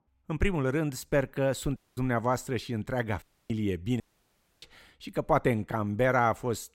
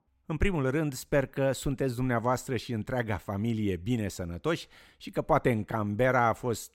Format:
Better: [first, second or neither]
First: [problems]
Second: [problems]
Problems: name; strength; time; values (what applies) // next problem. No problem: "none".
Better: second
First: audio cutting out; at 2 s, at 3 s and at 4 s for 0.5 s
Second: none